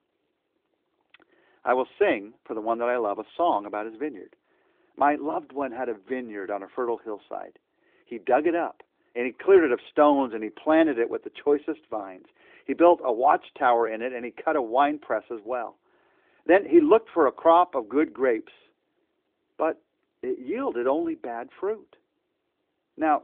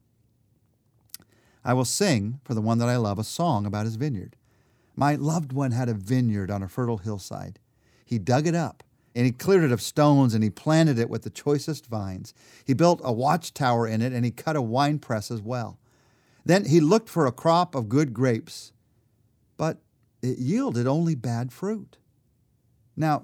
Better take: second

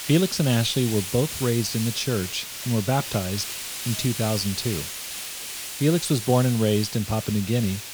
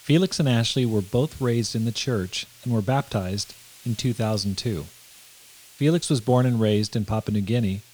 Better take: second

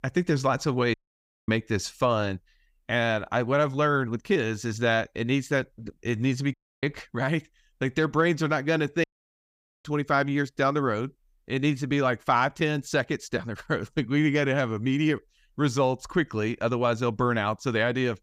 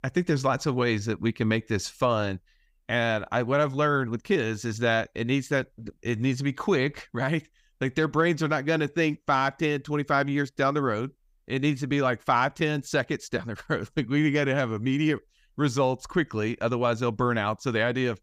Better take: second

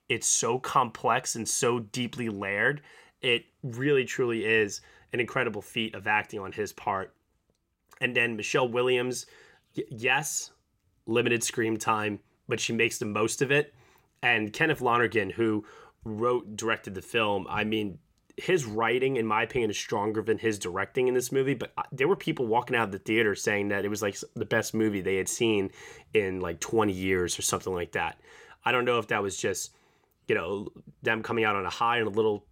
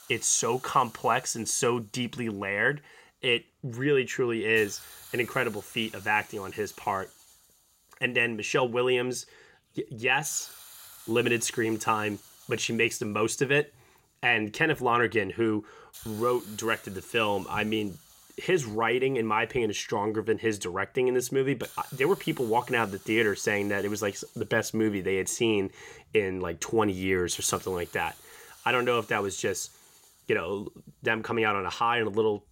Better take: first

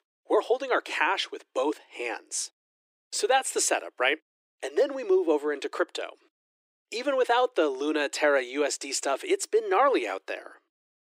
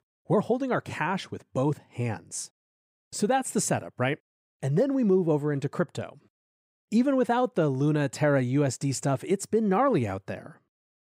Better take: second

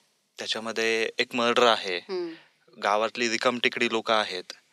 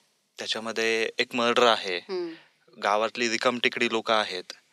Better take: neither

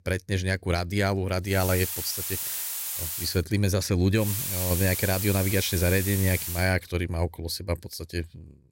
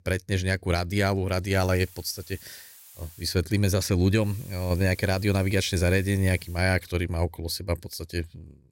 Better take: second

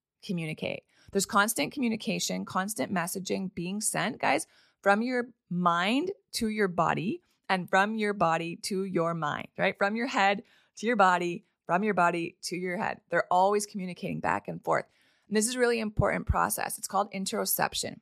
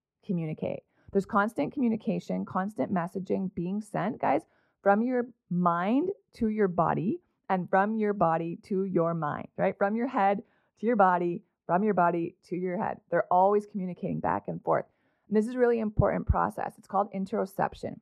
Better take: first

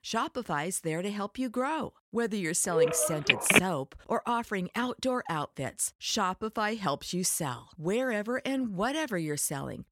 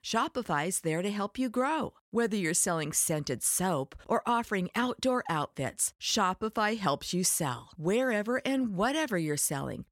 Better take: second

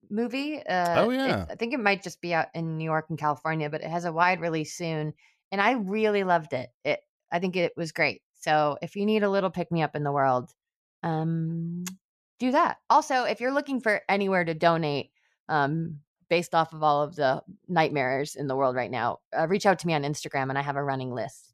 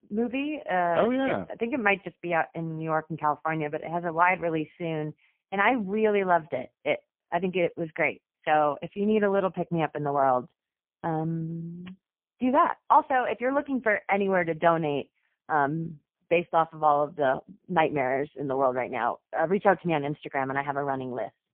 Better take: first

